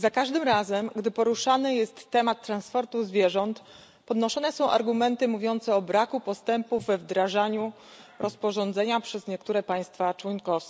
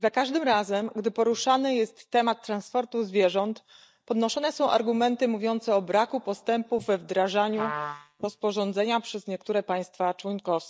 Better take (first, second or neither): first